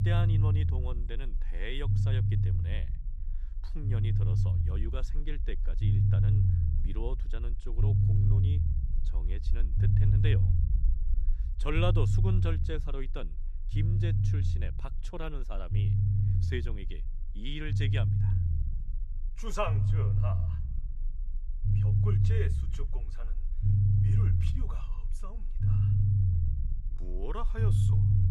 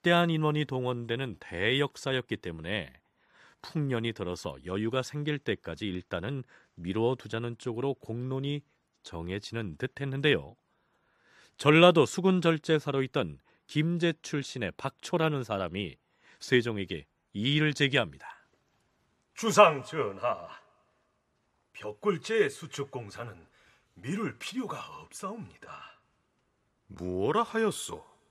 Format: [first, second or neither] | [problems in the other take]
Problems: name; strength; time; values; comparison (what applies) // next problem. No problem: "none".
second | low rumble; loud; throughout; as loud as the speech